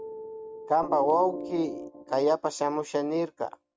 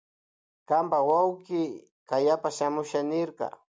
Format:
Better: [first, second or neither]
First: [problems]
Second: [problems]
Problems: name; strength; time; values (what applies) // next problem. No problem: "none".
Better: second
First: noise reduction (neural mask model RNNoise)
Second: none